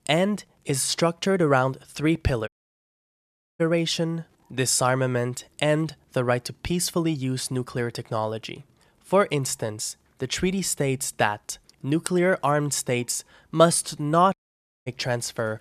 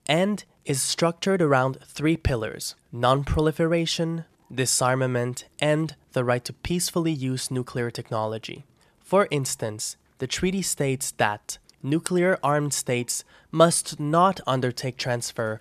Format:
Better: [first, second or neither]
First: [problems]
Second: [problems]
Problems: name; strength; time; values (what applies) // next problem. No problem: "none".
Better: second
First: audio cutting out; at 2.5 s for 1 s and at 14 s for 0.5 s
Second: none